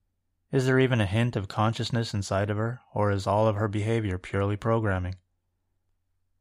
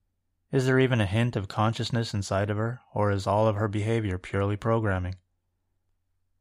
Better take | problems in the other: neither | none

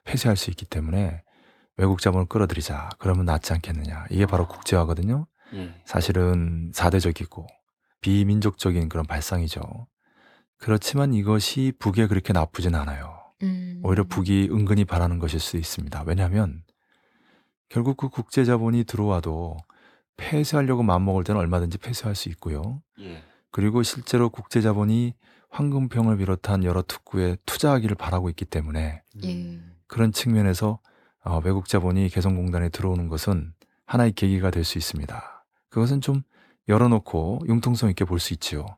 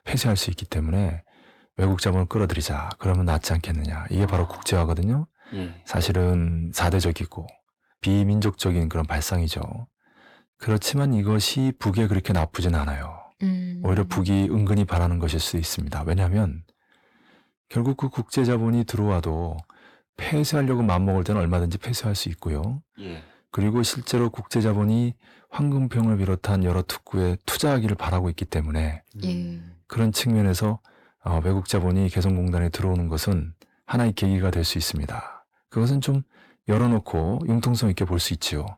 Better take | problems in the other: first | distortion; slight; 10 dB below the speech

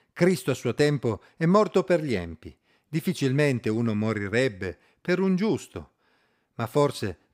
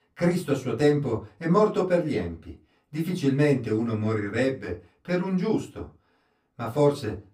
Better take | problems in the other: first | off-mic speech; far // room echo; very slight; dies away in 0.2 s

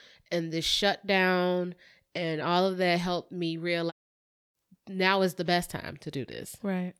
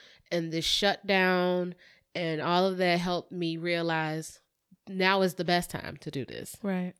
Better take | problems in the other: second | audio cutting out; at 4 s for 0.5 s

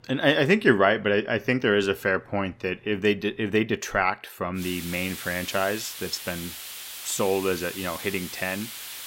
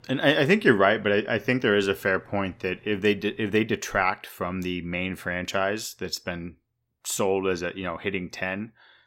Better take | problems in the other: second | hiss; noticeable; from 4.5 s on; 10 dB below the speech

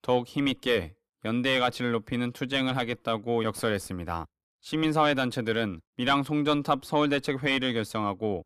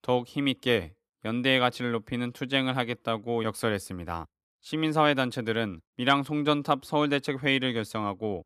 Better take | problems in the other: second | distortion; slight; 9 dB below the speech

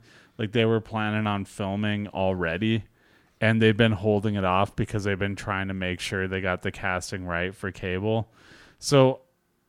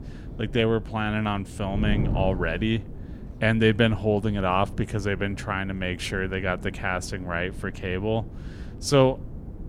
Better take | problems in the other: first | wind noise on the microphone; occasional gusts; 20 dB below the speech

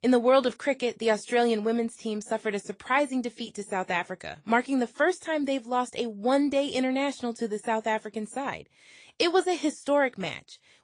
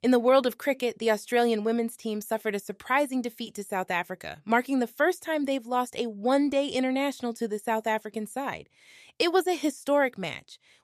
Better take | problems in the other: second | garbled, watery; slightly; nothing above 9 kHz

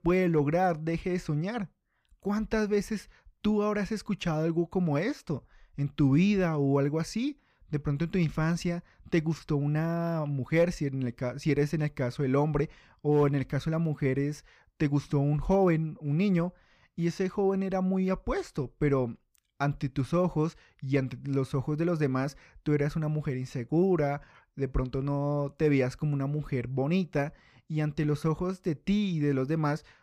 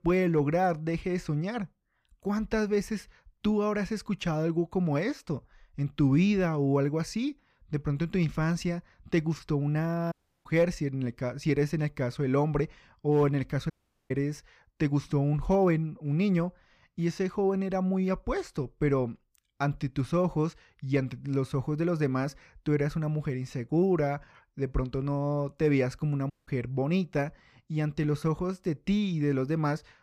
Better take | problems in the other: first | audio cutting out; at 10 s, at 14 s and at 26 s

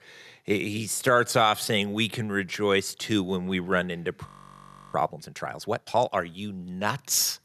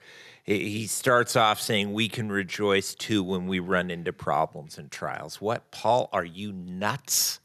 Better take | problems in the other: second | audio freezing; at 4.5 s for 0.5 s

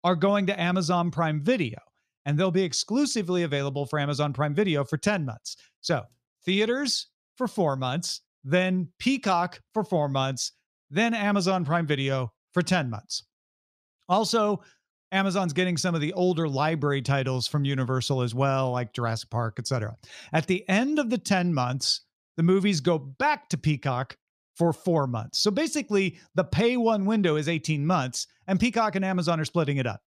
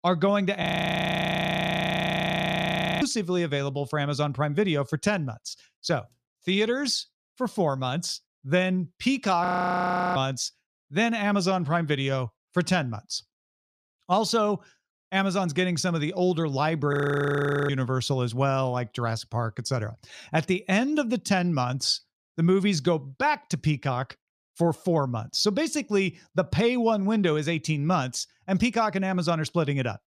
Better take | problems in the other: first | audio freezing; at 0.5 s for 2.5 s, at 9.5 s for 0.5 s and at 17 s for 1 s

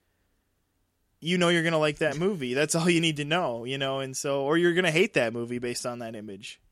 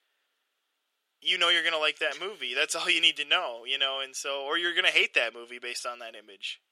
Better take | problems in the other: first | thin; very; fading below 450 Hz

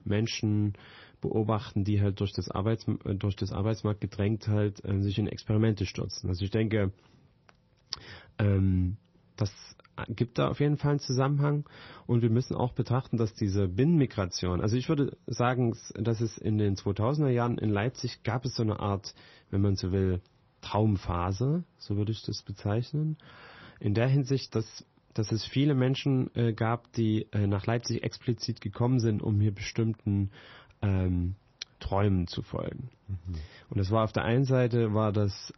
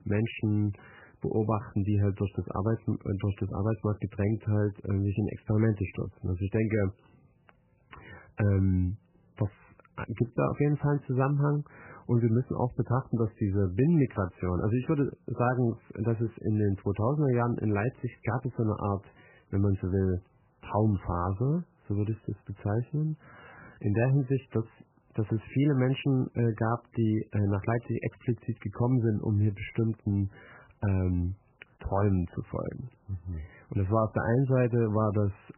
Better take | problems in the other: first | garbled, watery; badly; nothing above 3 kHz; slightly in the first

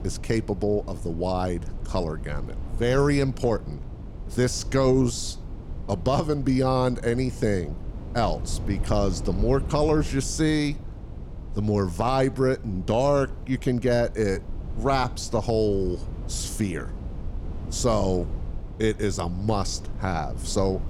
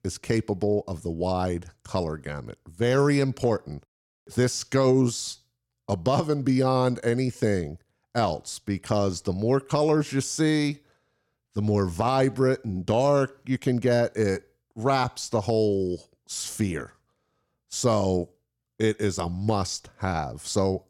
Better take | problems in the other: second | low rumble; noticeable; throughout; 20 dB below the speech

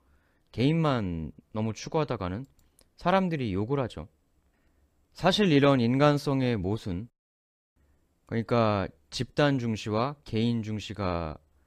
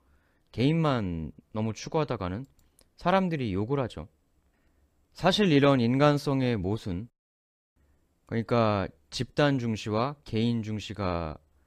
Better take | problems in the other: neither | none

